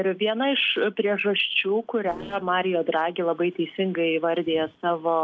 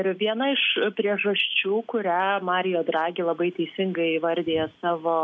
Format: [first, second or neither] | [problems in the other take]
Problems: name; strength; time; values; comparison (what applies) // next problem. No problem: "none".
second | noise reduction (neural separator model SepFormer DNS4)